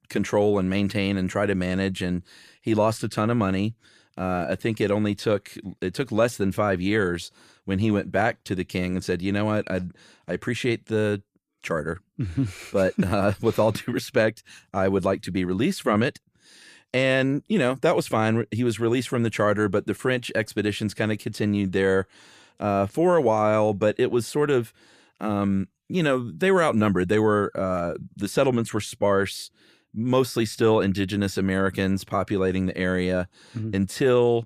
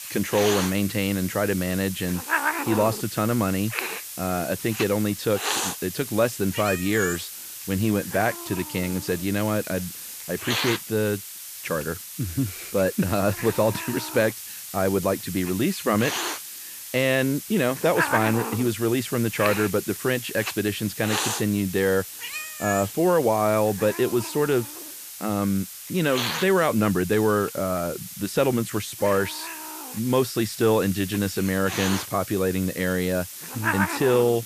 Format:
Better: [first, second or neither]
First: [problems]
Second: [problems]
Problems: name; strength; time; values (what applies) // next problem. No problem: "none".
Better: first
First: none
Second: hiss; loud; throughout; 7 dB below the speech